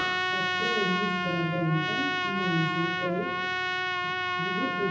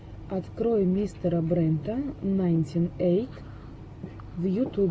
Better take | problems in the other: second | background sound (Trumpet); 3 dB above the speech // room echo; dies away in 0.9 s

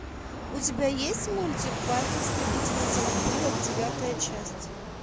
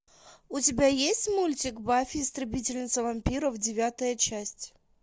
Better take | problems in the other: second | background sound (Fixed-wing aircraft, airplane); 2 dB above the speech

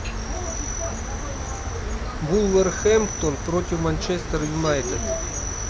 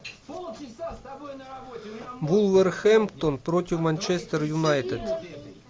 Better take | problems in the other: second | background sound (Cricket); 4 dB below the speech

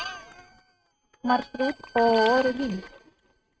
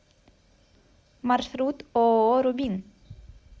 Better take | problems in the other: second | noise reduction (neural mask model RNNoise)

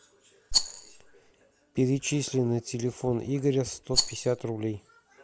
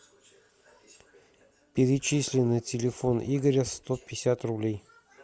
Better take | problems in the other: second | background sound (Rattle); as loud as the speech

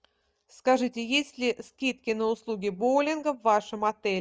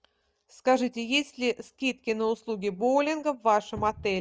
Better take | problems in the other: first | background sound (Cupboard open or close); 14 dB below the speech

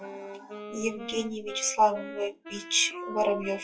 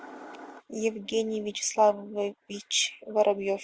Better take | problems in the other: second | noise reduction (classical method WPE with log-MMSE)

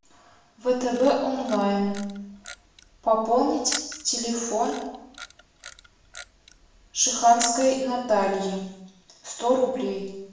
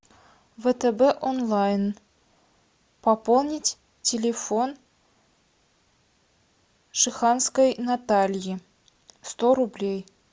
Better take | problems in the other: second | background sound (Camera); 16 dB below the speech // room echo; dies away in 0.9 s

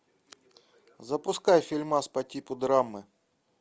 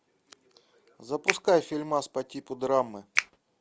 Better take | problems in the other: first | background sound (Finger snapping); as loud as the speech

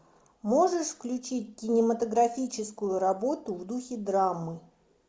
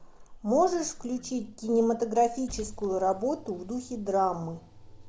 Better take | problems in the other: first | background sound (Car); 17 dB below the speech

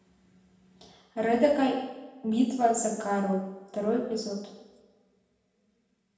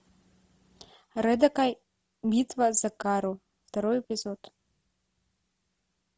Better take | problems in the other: second | room echo; dies away in 0.9 s

